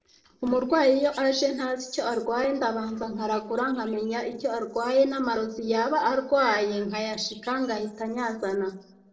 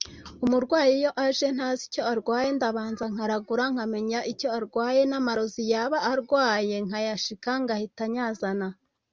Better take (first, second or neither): second